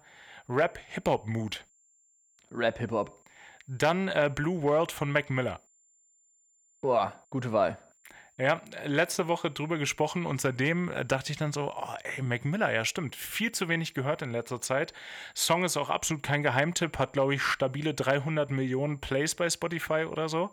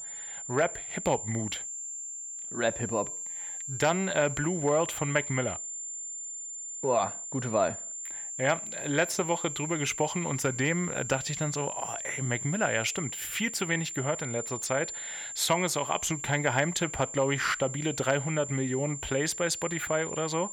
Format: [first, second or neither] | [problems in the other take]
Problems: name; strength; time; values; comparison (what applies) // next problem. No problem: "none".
first | high-pitched whine; loud; throughout; 7.5 kHz, 6 dB below the speech; faint in the first